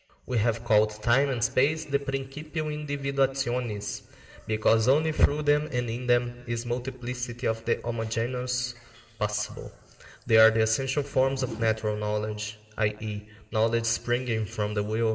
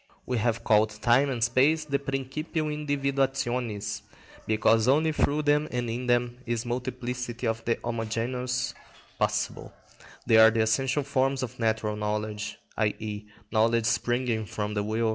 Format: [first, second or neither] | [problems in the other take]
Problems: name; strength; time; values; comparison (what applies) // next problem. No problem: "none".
second | background sound (Whoosh, swoosh, swish); 16 dB below the speech // room echo; dies away in 2.1 s